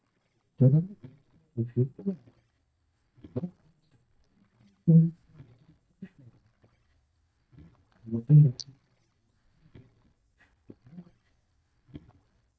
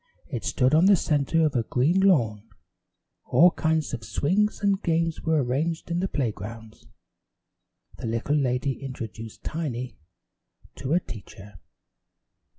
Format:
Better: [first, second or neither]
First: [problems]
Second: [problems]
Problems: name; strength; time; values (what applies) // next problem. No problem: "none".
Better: second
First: noise reduction (neural mask model DeepFilterNet 3)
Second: none